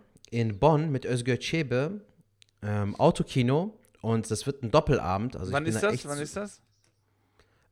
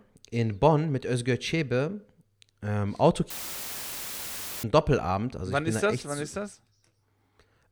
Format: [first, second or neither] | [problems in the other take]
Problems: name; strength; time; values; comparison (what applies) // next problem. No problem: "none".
first | audio cutting out; filled with static; at 3.5 s for 1.5 s